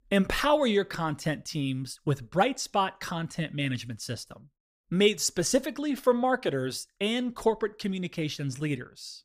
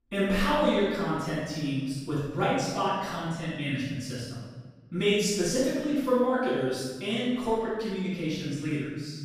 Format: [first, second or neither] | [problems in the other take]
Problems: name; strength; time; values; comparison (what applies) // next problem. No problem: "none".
first | room echo; strong; dies away in 1.3 s // off-mic speech; far